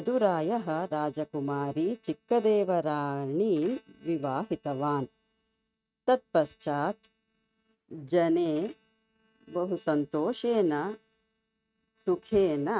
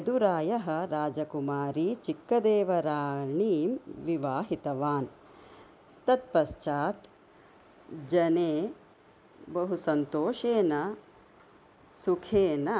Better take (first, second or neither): second